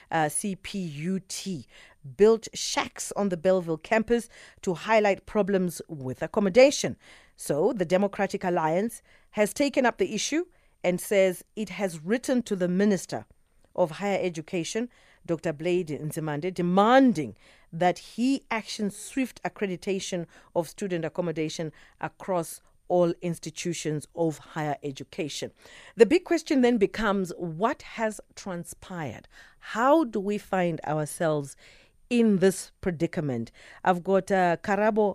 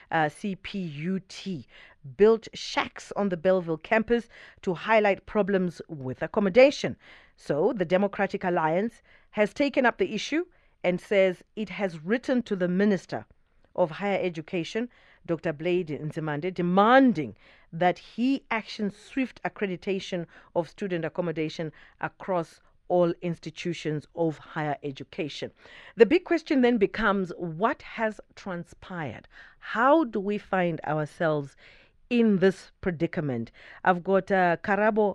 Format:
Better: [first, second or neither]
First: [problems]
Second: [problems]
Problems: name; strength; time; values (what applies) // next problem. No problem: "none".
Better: first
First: none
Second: muffled; very slightly; fading above 3 kHz